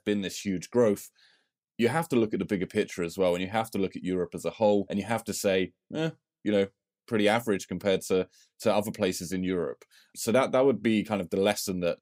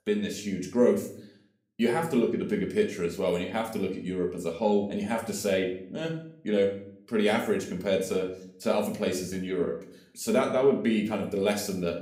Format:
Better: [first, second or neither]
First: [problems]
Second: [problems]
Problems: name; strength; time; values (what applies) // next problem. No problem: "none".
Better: first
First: none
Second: room echo; slight; dies away in 0.5 s // off-mic speech; somewhat distant